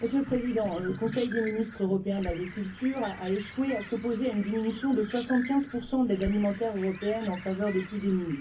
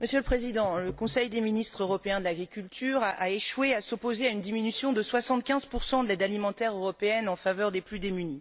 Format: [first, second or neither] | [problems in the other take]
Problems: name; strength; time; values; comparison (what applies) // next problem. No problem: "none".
second | background sound (Bird); 14 dB below the speech // room echo; dies away in 0.3 s